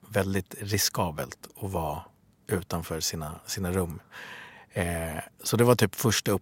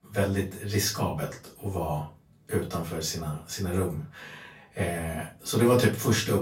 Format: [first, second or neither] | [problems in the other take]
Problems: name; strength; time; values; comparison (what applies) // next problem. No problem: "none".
first | off-mic speech; far // room echo; slight; dies away in 0.3 s